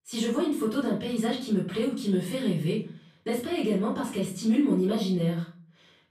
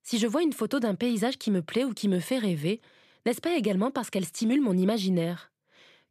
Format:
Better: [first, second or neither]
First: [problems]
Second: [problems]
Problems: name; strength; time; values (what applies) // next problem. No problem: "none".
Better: second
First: room echo; slight; dies away in 0.4 s // off-mic speech; far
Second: none